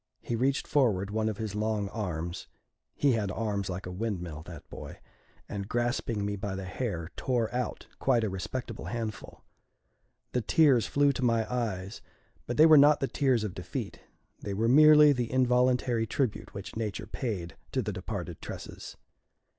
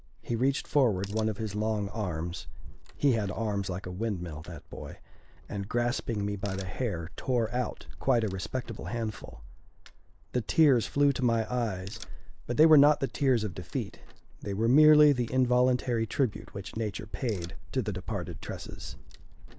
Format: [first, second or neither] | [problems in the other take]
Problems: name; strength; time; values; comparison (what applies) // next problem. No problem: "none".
first | noise reduction (neural mask model Resemble Enhance denoiser)